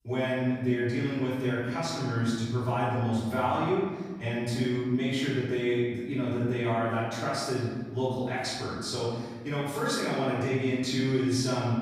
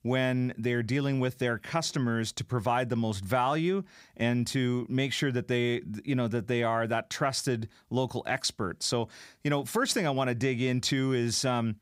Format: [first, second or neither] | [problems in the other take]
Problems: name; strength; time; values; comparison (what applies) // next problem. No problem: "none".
second | room echo; strong; dies away in 1.3 s // off-mic speech; far